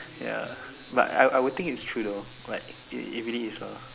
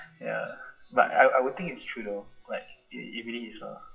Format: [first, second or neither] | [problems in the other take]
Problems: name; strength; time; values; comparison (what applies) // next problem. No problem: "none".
first | noise reduction (classical method WPE with log-MMSE)